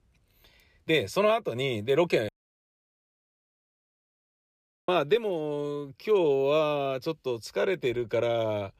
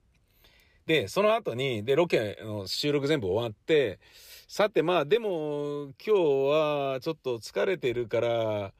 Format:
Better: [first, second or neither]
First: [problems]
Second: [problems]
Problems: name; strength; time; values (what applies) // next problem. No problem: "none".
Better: second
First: audio cutting out; at 2.5 s for 2.5 s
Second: none